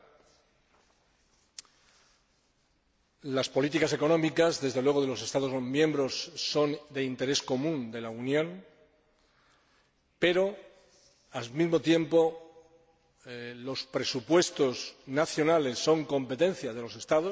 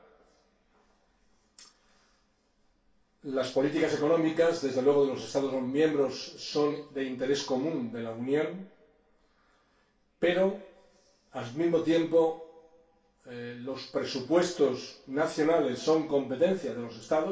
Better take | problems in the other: first | room echo; dies away in 0.3 s

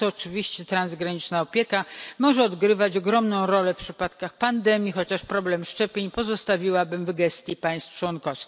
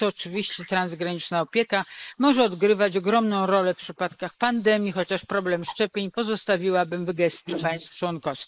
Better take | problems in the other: first | noise reduction (neural mask model Resemble Enhance denoiser)

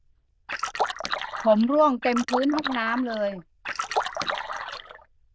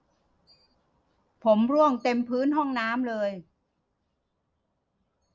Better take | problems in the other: second | noise reduction (neural diffusion model UNIVERSE++)

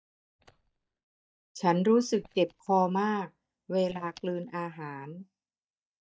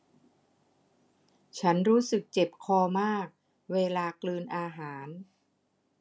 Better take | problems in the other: second | noise reduction (neural mask model DeepFilterNet 3)

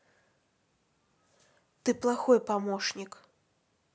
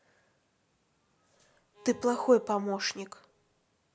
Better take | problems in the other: first | background sound (Bowed string instrument); 20 dB below the speech

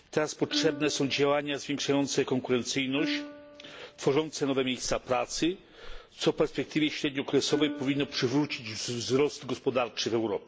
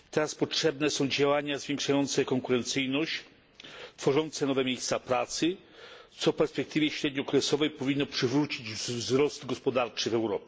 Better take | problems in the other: second | background sound (Plucked string instrument + Walk, footsteps); 12 dB below the speech

